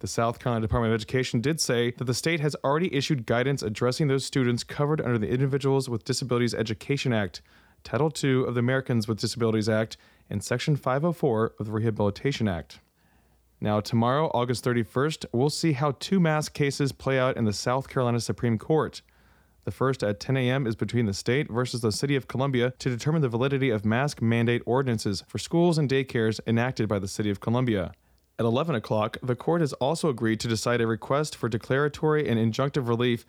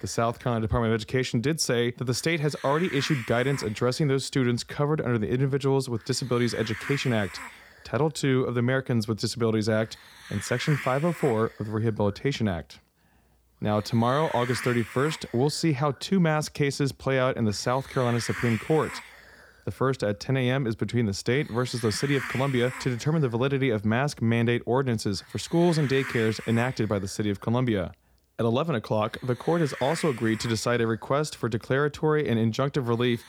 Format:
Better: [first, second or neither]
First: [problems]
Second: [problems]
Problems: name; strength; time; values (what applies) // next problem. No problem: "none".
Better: first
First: none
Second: hiss; noticeable; throughout; 10 dB below the speech